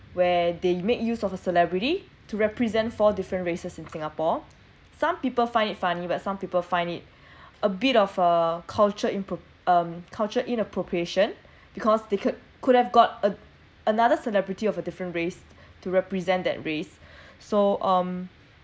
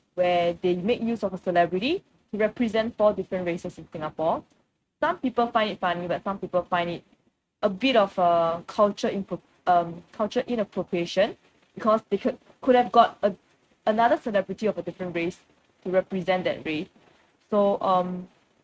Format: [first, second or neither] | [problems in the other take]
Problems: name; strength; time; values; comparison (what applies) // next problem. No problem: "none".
first | noise reduction (neural mask model RNNoise)